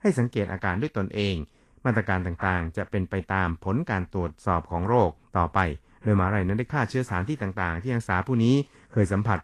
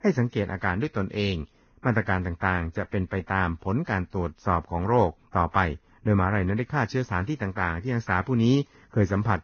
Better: first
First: garbled, watery; slightly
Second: garbled, watery; badly; nothing above 6.5 kHz

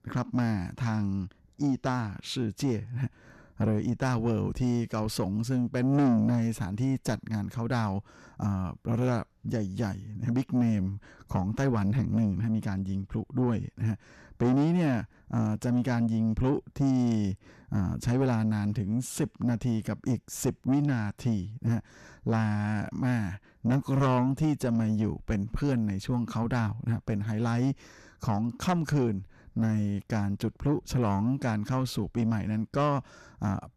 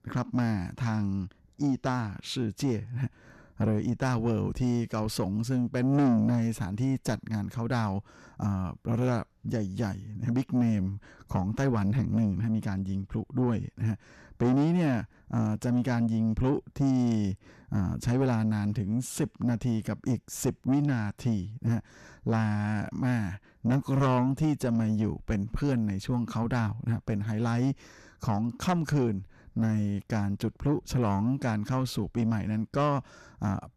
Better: neither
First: distortion; slight; 10 dB below the speech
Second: distortion; slight; 10 dB below the speech

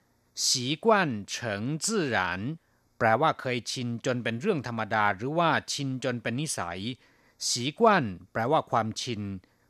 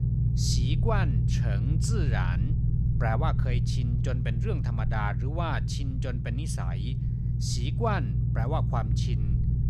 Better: first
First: none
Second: low rumble; loud; throughout; 5 dB below the speech

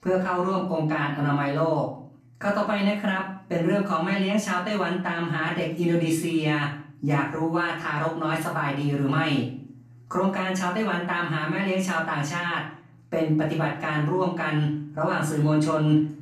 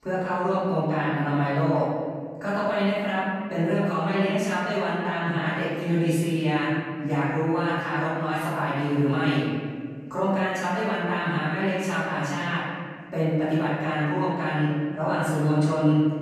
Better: first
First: room echo; slight; dies away in 0.5 s // off-mic speech; far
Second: room echo; strong; dies away in 1.9 s // off-mic speech; far

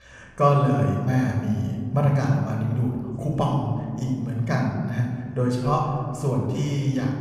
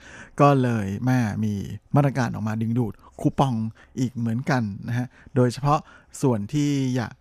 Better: second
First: off-mic speech; somewhat distant // room echo; noticeable; dies away in 2.1 s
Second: none

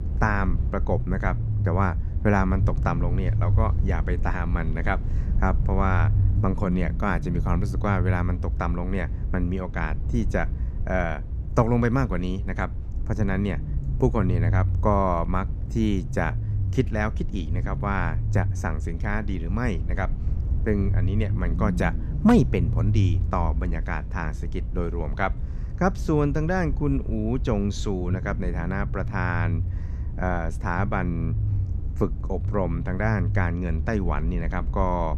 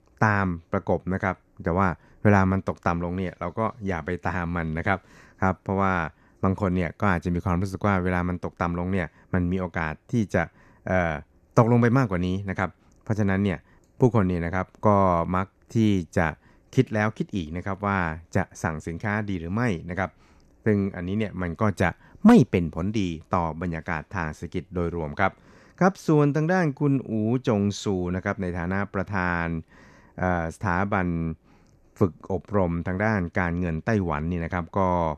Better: second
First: low rumble; noticeable; throughout; 15 dB below the speech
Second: none

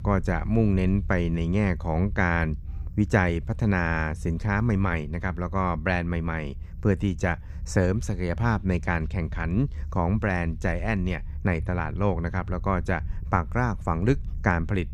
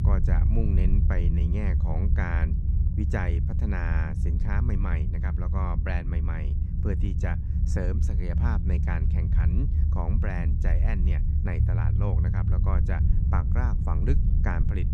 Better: first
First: low rumble; faint; throughout; 25 dB below the speech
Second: low rumble; loud; throughout; 4 dB below the speech

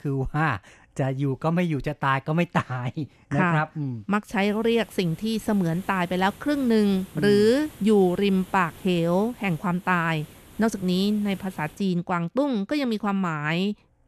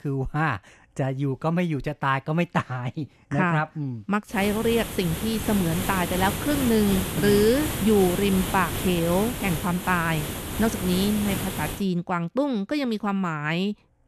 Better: first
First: hiss; faint; from 4.5 to 12 s; 20 dB below the speech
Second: hiss; loud; from 4.5 to 12 s; 5 dB below the speech

